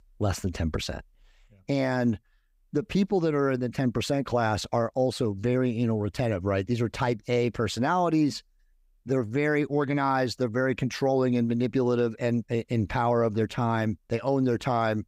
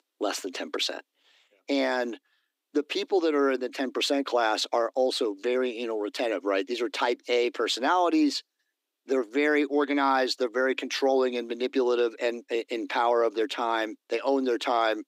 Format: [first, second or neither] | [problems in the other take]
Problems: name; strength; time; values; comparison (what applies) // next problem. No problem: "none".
first | thin; very slightly; fading below 250 Hz